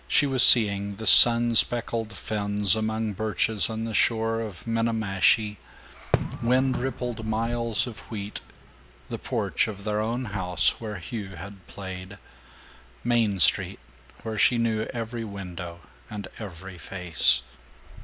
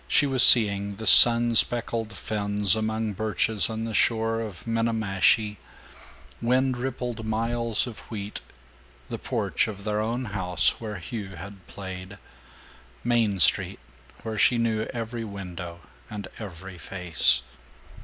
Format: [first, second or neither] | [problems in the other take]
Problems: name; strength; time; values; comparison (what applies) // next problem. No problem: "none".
second | background sound (Fireworks); 7 dB below the speech